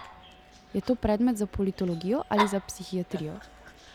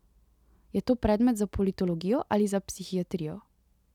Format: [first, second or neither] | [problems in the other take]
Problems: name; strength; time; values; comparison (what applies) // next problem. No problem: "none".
second | background sound (Dog); 9 dB below the speech